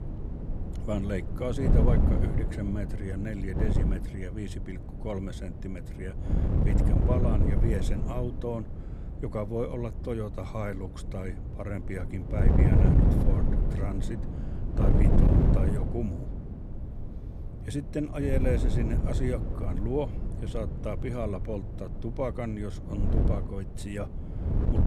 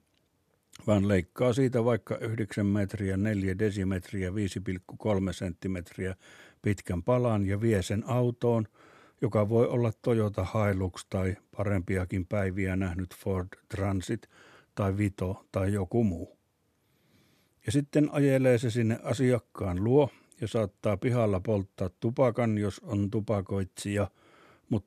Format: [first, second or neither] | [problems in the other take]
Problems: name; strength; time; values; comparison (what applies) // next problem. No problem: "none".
second | wind noise on the microphone; heavy; 1 dB below the speech